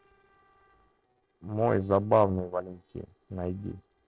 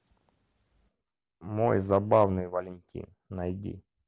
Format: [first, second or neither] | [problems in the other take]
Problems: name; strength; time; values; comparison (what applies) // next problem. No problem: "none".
second | noise reduction (neural separator model SepFormer DNS4)